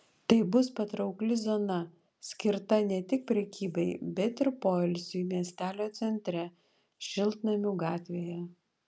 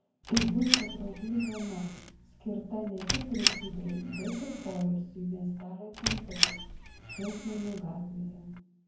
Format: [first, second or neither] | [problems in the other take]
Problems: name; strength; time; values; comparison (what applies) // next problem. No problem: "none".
first | background sound (Squeak); 1 dB below the speech // room echo; dies away in 0.9 s